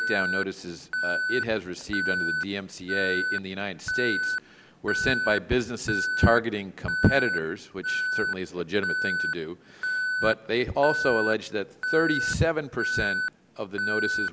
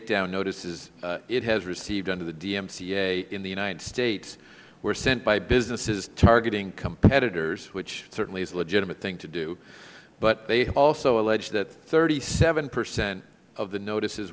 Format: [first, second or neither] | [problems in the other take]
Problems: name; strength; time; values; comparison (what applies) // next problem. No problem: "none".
second | background sound (Alarm); 1 dB below the speech